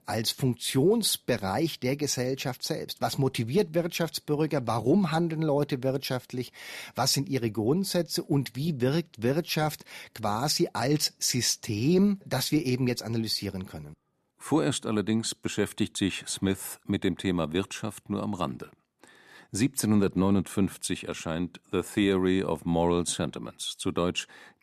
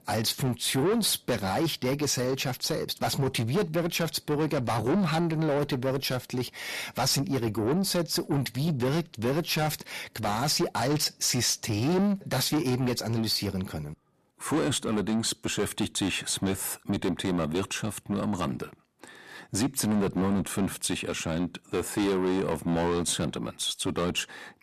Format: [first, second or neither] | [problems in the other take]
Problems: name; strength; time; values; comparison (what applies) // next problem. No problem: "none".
first | distortion; heavy; 7 dB below the speech